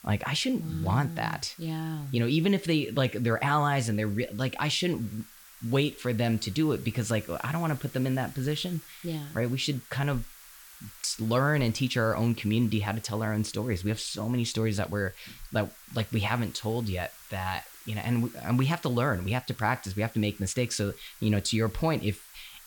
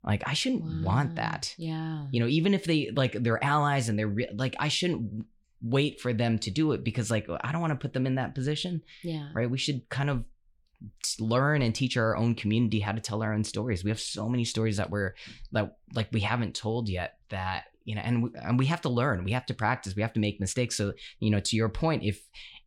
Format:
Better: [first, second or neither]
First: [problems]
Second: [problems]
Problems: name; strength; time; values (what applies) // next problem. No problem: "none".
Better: second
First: hiss; noticeable; throughout; 20 dB below the speech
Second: none